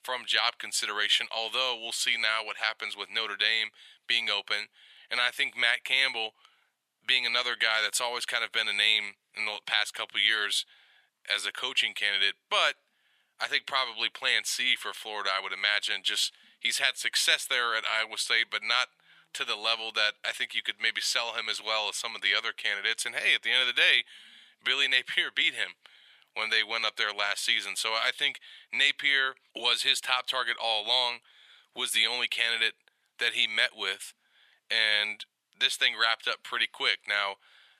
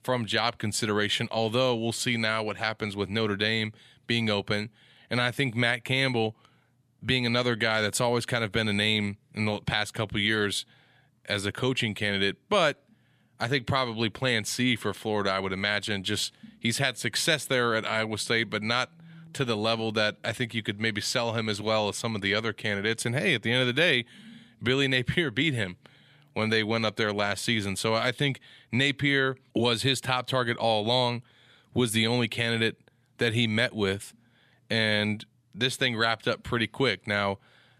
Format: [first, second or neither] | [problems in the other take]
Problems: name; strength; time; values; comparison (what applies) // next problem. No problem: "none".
second | thin; very; fading below 950 Hz